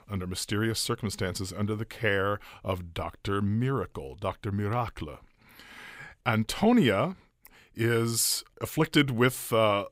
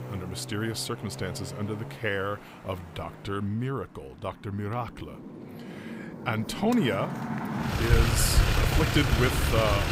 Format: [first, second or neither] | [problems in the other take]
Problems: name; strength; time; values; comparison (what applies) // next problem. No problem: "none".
first | traffic noise; very loud; throughout; 1 dB above the speech